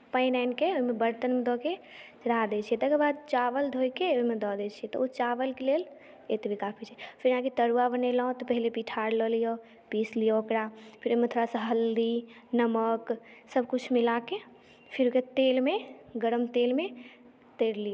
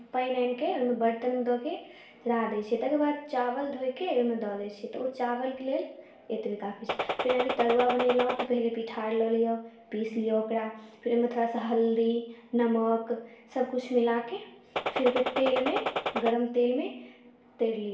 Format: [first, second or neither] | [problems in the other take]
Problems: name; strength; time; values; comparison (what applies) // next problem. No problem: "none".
first | background sound (Gunshot, gunfire); 2 dB below the speech // room echo; dies away in 0.6 s